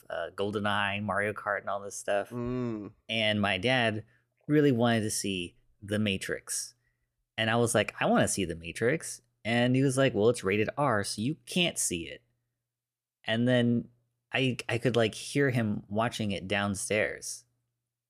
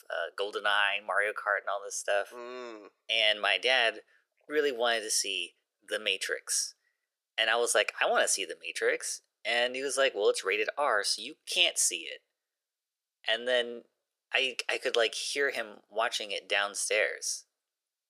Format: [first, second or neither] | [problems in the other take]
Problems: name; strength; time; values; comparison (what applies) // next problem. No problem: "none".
first | thin; very; fading below 450 Hz